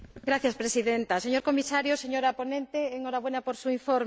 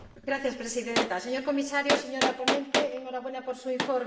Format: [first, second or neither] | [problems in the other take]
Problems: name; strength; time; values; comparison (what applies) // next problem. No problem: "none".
first | background sound (Gunshot, gunfire); 2 dB below the speech // room echo; dies away in 1.4 s